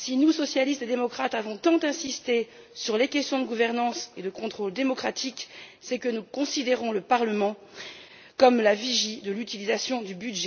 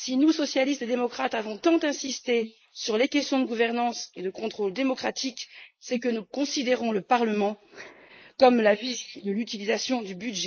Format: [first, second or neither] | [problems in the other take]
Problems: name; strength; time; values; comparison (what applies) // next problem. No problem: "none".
first | noise reduction (neural mask model Resemble Enhance denoiser)